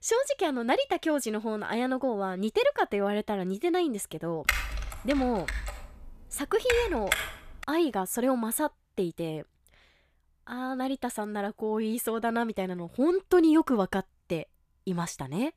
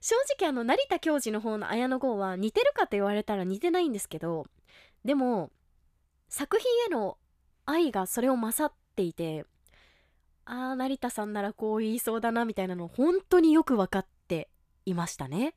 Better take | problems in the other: second | keyboard typing; loud; from 4.5 to 7.5 s; peak 1 dB above the speech

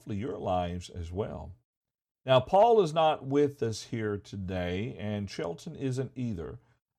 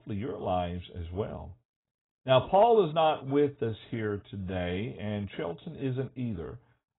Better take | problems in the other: first | garbled, watery; badly; nothing above 3.5 kHz

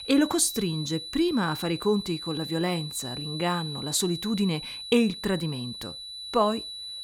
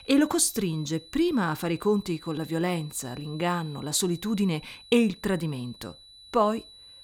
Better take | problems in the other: second | high-pitched whine; loud; throughout; 4 kHz, 8 dB below the speech; faint in the second

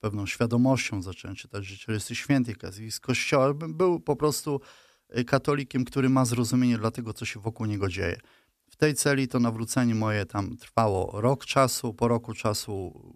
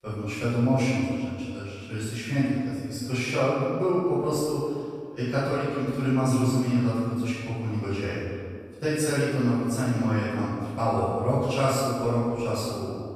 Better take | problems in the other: first | off-mic speech; far // room echo; strong; dies away in 1.8 s

